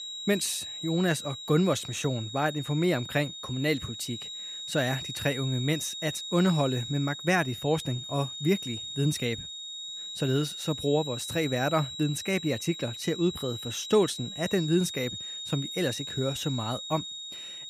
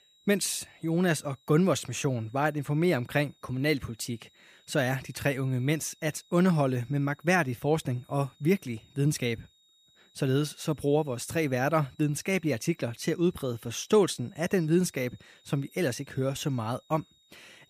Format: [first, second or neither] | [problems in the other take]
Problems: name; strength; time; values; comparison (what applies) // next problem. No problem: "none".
second | high-pitched whine; loud; throughout; 4 kHz, 7 dB below the speech; faint in the second